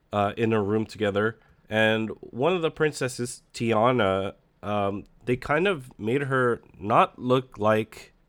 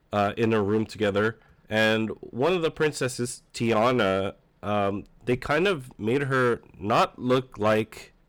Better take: first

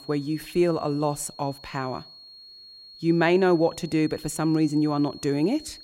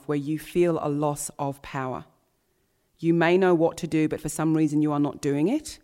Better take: second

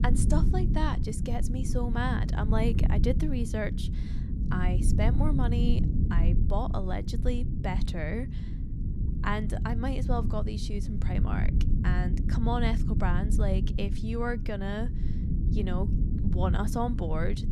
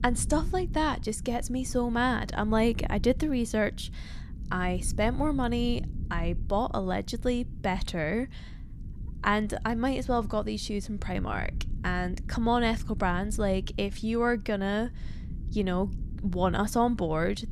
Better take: second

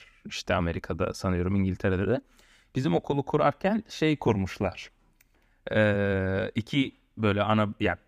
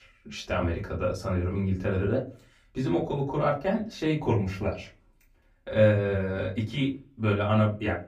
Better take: first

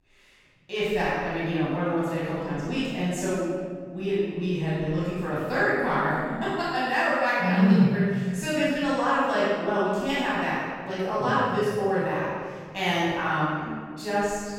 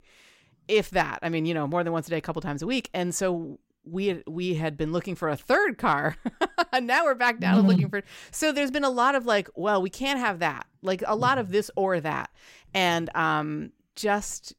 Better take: second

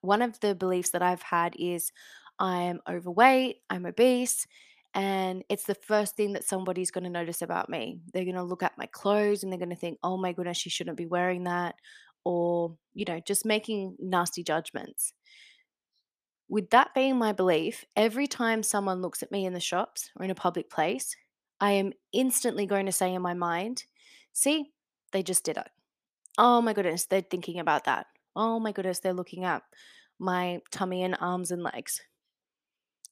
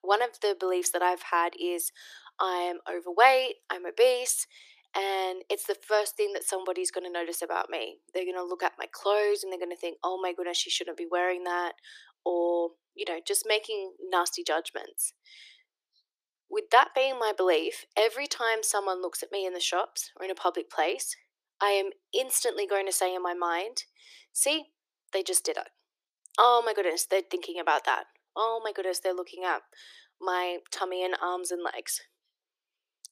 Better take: first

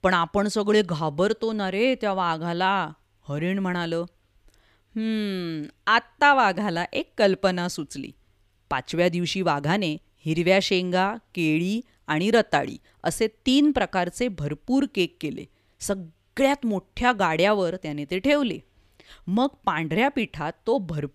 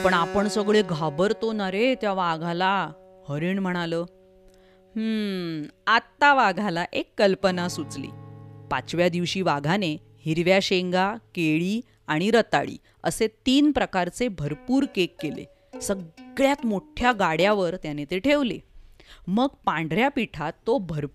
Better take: first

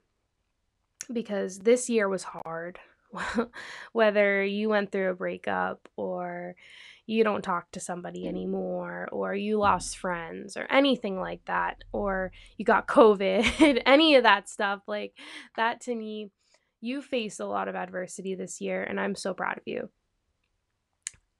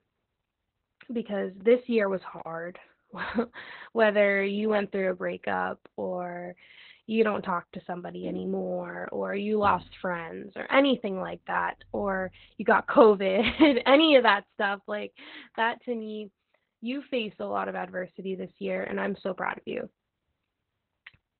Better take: first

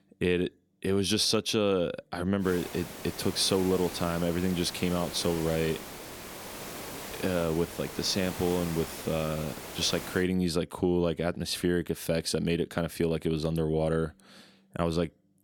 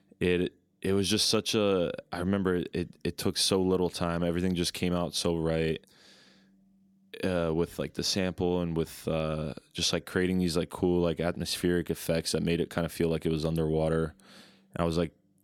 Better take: second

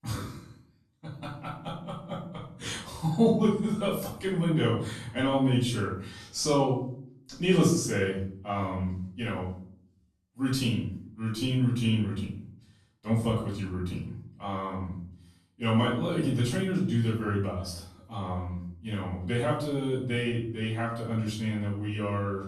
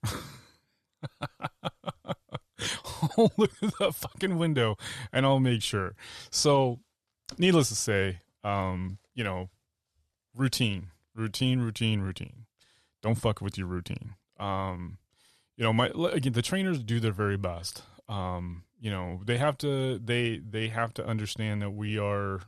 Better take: second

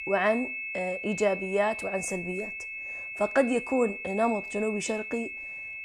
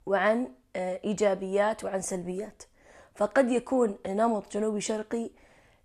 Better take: second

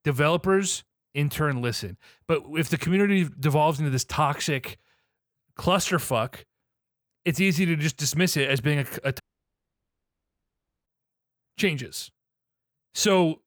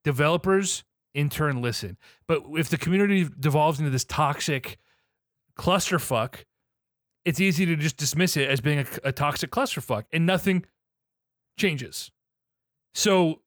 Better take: second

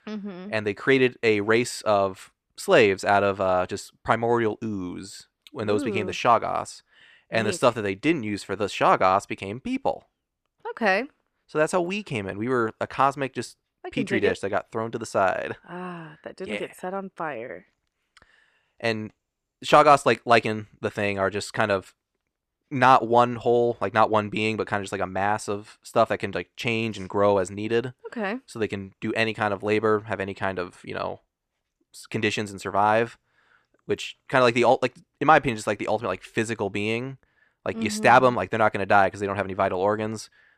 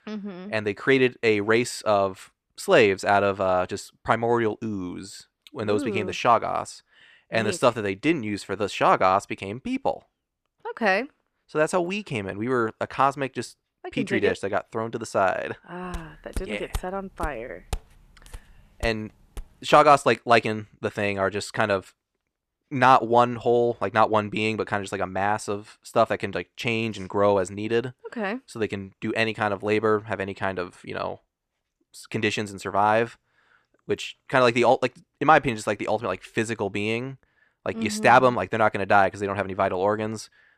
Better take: first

